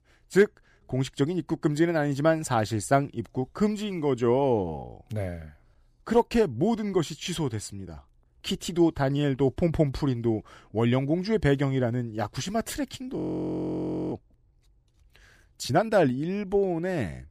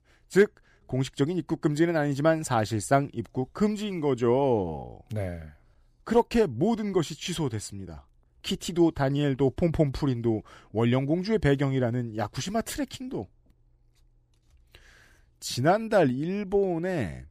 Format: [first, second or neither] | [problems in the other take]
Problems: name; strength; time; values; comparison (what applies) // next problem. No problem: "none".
second | audio freezing; at 13 s for 1 s